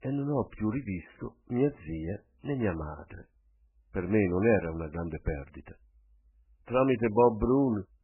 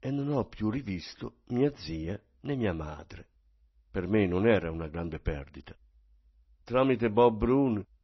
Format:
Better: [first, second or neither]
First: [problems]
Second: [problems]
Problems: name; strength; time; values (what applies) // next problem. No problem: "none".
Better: second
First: garbled, watery; badly; nothing above 3 kHz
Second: garbled, watery; slightly; nothing above 6 kHz